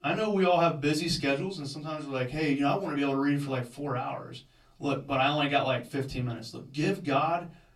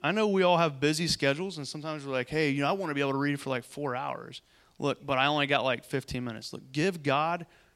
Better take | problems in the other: second | off-mic speech; far // room echo; very slight; dies away in 0.2 s

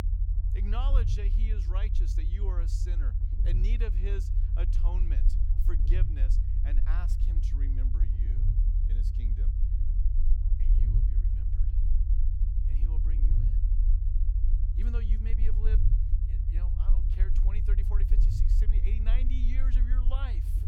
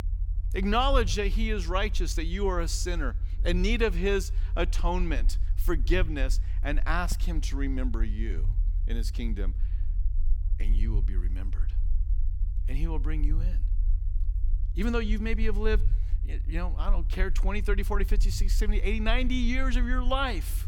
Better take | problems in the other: second | low rumble; loud; throughout; 3 dB below the speech; faint in the second

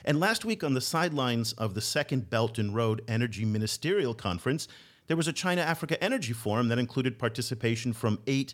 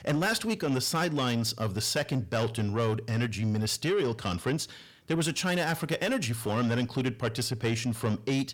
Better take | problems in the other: first | distortion; slight; 10 dB below the speech

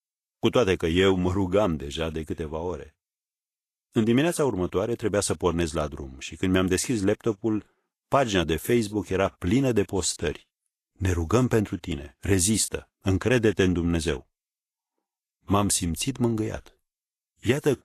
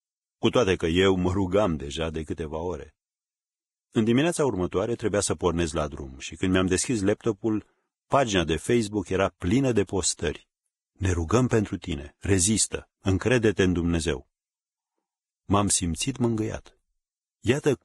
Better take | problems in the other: first | garbled, watery; badly; nothing above 10 kHz; slightly in the first

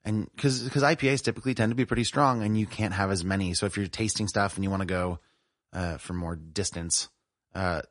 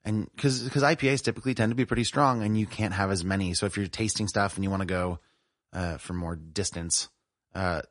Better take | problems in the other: neither | garbled, watery; slightly; nothing above 10.5 kHz; the same in both

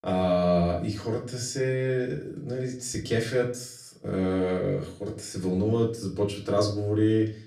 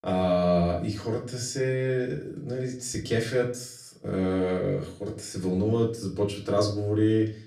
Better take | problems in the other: neither | room echo; slight; dies away in 0.4 s; the same in both // off-mic speech; far; the same in both

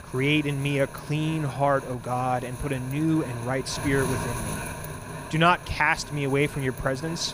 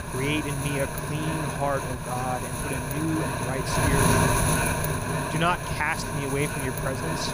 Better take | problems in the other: first | wind noise on the microphone; heavy; 2 dB above the speech; occasional gusts in the first

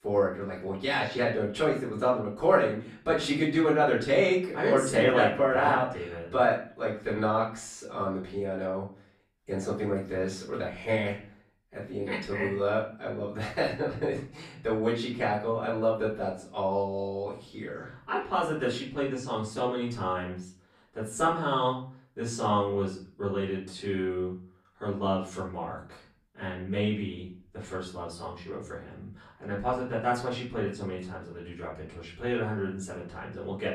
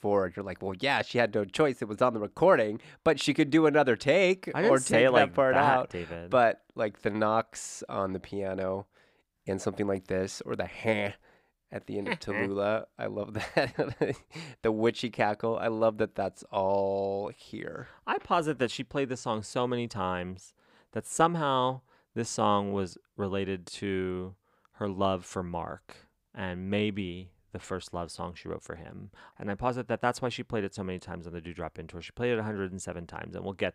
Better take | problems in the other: second | off-mic speech; far // room echo; slight; dies away in 0.4 s

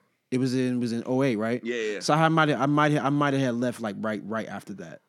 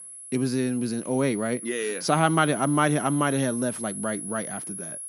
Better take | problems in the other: first | high-pitched whine; loud; throughout; 10.5 kHz, 9 dB below the speech

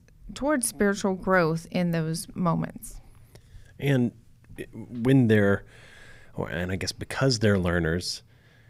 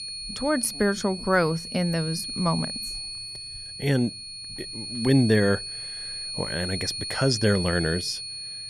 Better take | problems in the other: first | high-pitched whine; loud; throughout; 4.5 kHz, 7 dB below the speech

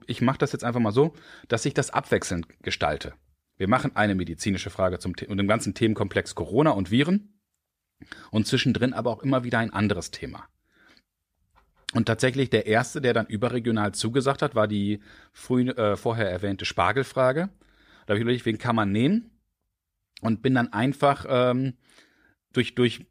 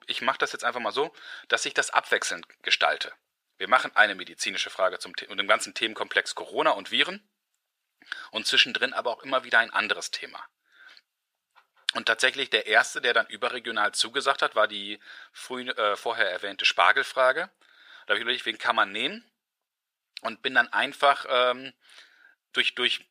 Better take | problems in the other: first | thin; very; fading below 750 Hz

